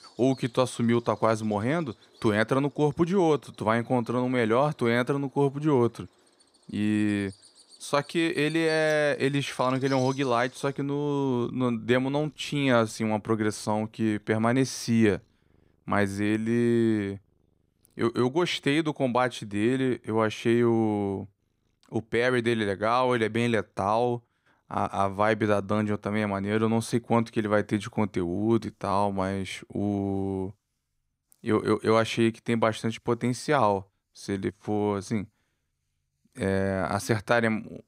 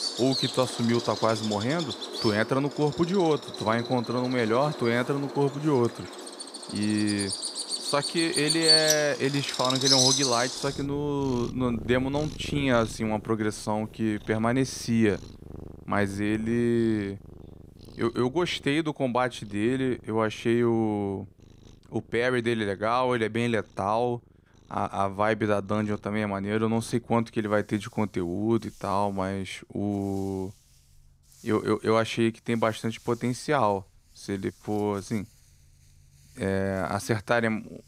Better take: first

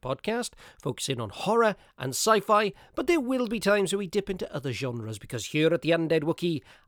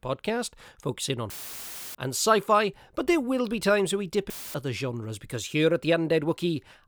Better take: first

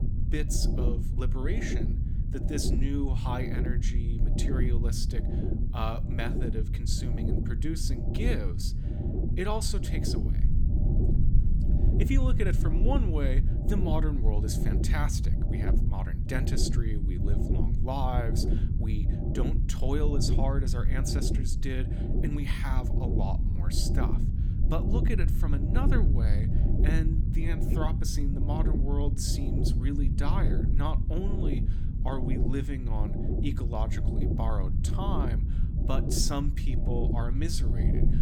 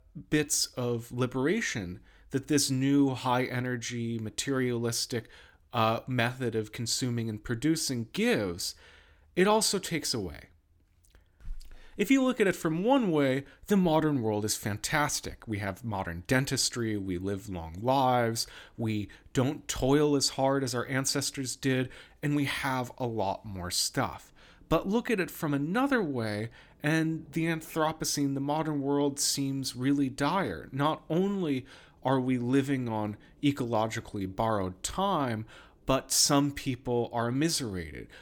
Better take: second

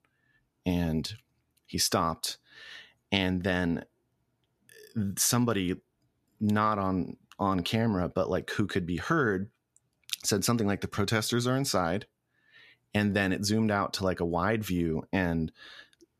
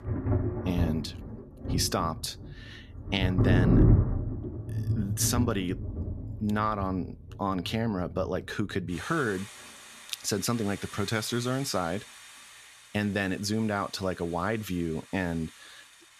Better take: first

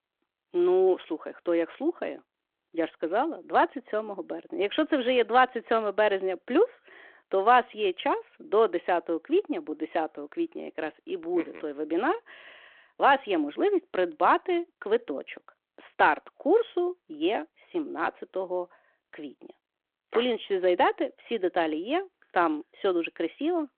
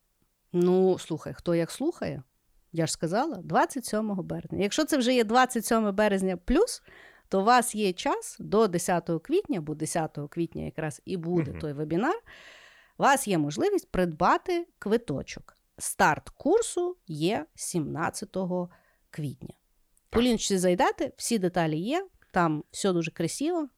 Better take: second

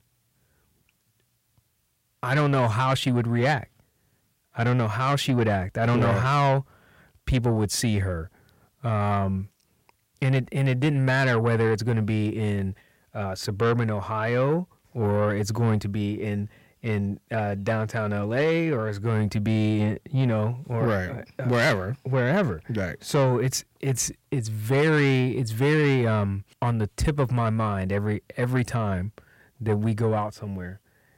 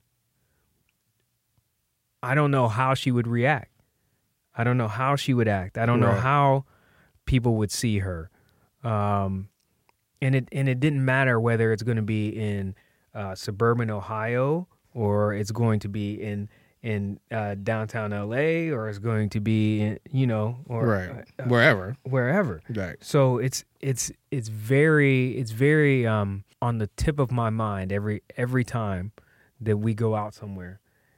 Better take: second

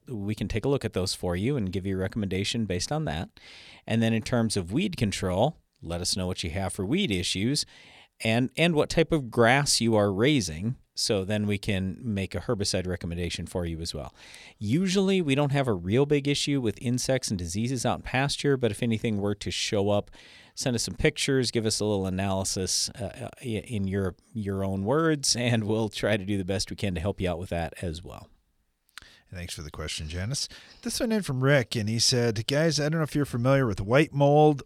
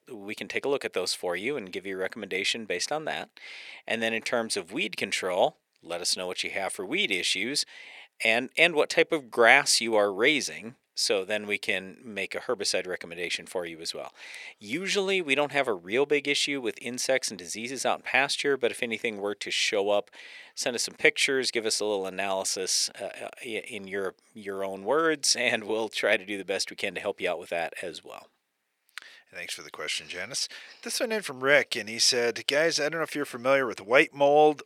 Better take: first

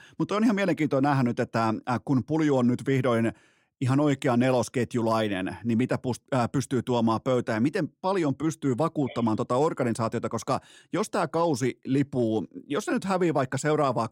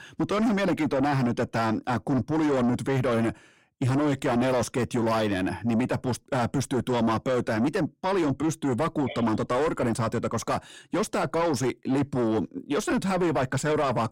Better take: first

